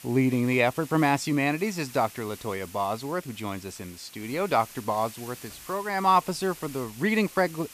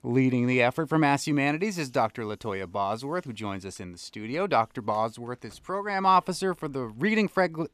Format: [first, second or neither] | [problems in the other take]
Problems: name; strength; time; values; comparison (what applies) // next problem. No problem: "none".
second | hiss; noticeable; throughout; 20 dB below the speech